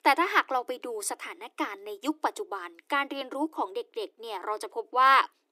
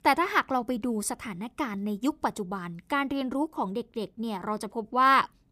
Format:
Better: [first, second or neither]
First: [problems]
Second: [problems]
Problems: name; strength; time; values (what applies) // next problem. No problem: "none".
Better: second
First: thin; somewhat; fading below 300 Hz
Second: none